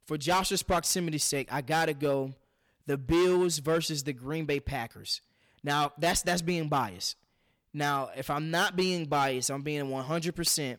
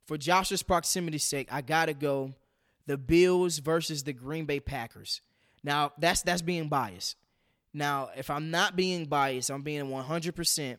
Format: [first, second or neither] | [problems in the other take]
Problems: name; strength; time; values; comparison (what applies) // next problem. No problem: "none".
second | distortion; slight; 5% of the sound clipped